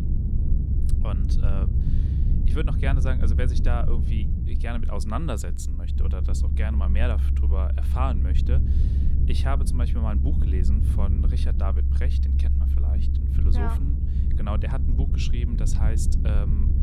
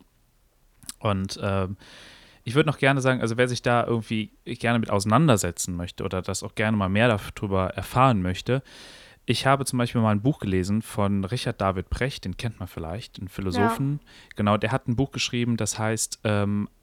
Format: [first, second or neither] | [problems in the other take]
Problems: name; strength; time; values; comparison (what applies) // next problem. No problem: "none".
second | low rumble; loud; throughout; 4 dB below the speech